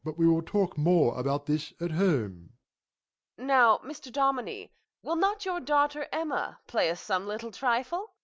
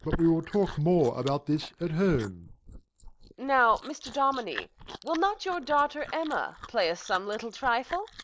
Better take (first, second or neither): first